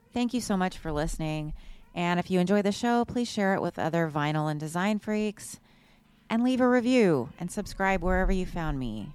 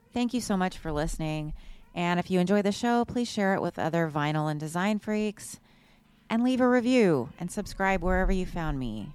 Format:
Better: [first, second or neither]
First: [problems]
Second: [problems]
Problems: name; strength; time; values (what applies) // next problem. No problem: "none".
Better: neither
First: animal sounds; noticeable; throughout; 15 dB below the speech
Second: animal sounds; noticeable; throughout; 15 dB below the speech